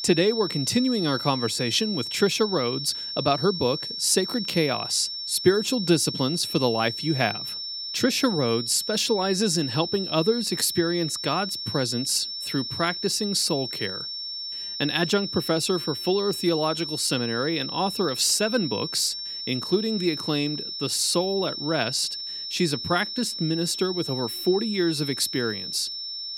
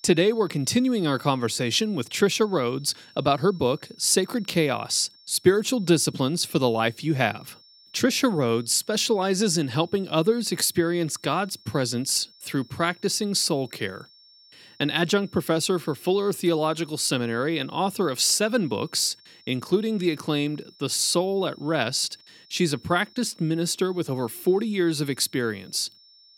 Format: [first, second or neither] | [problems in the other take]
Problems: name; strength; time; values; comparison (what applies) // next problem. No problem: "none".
second | high-pitched whine; loud; throughout; 5.5 kHz, 5 dB below the speech; faint in the second